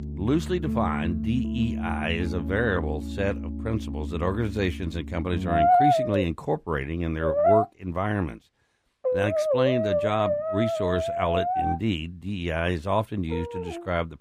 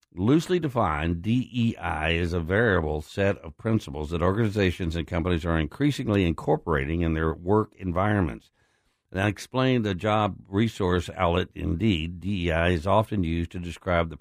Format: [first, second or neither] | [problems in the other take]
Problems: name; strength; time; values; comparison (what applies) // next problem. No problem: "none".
second | background music; very loud; throughout; 1 dB above the speech